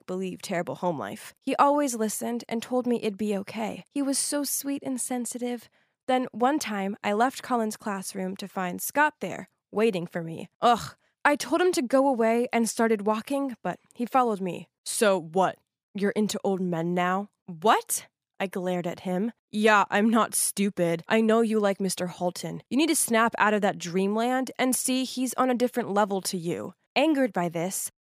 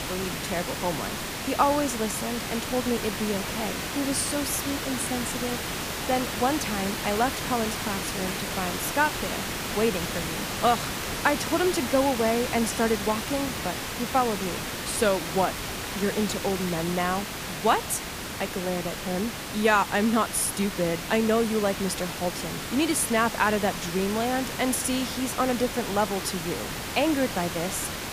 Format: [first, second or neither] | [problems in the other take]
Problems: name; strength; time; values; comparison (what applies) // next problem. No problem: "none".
first | hiss; loud; throughout; 4 dB below the speech